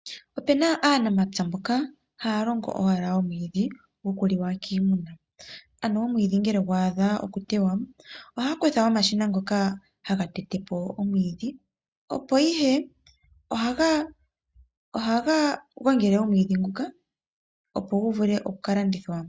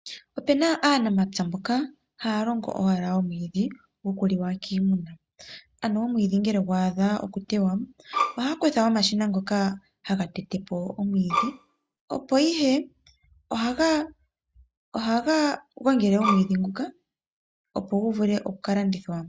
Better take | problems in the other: first | background sound (Bowed string instrument); 4 dB below the speech

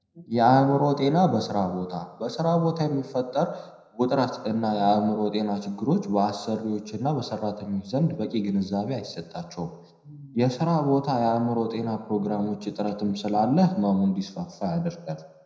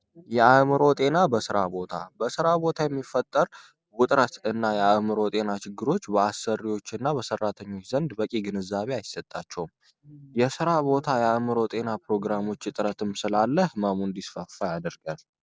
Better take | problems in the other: second | room echo; dies away in 0.7 s

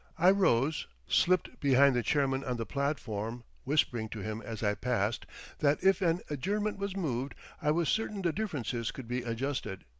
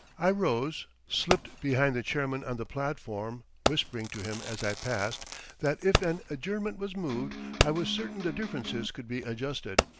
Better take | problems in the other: first | background sound (Electric guitar + Fireworks); 3 dB below the speech

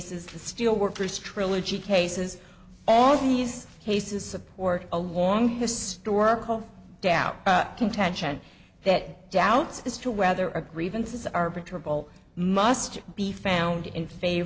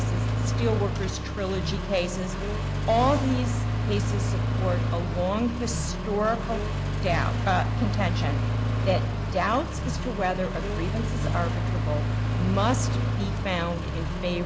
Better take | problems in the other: first | background sound (Accelerating, revving, vroom); 3 dB above the speech

